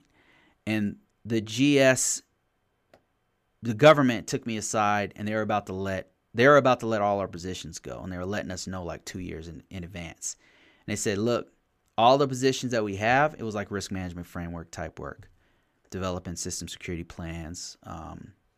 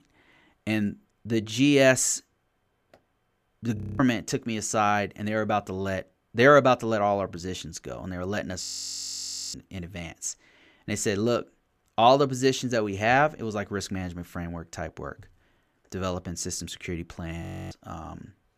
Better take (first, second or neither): first